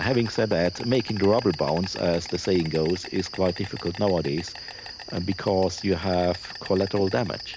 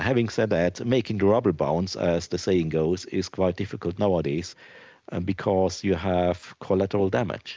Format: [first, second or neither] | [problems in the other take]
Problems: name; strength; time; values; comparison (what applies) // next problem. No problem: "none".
second | background sound (Insect); 14 dB below the speech